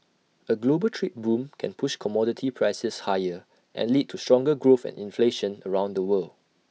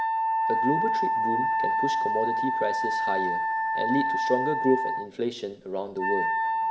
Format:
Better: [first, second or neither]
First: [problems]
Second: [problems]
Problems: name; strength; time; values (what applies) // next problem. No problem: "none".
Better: first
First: none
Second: background sound (Wind instrument, woodwind instrument); 4 dB above the speech // room echo; dies away in 3 s